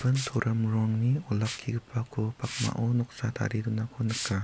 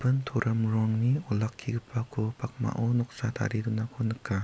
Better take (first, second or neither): second